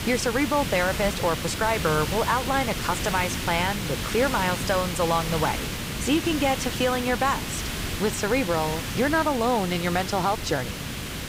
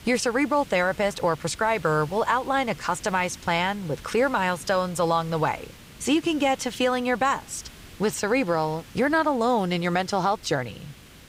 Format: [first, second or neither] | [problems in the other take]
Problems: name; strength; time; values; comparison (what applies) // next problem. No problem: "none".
second | hiss; loud; throughout; 5 dB below the speech; faint in the second